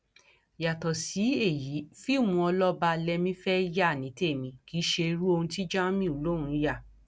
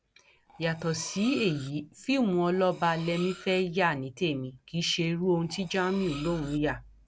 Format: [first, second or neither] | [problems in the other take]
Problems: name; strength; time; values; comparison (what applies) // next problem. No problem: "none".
first | background sound (Cutlery, silverware); 19 dB below the speech